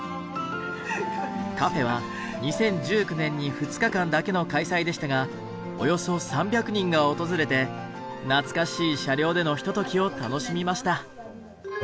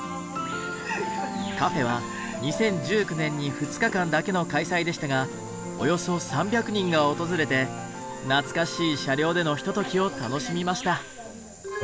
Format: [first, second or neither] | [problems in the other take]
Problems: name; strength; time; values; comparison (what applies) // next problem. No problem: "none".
first | background sound (Bird vocalization, bird call, bird song); 19 dB below the speech